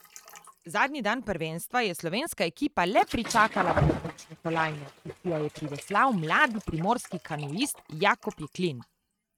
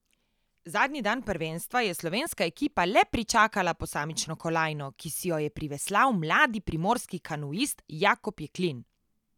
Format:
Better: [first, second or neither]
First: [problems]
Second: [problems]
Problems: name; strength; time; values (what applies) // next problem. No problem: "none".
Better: second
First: noise reduction (neural mask model RNNoise)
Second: none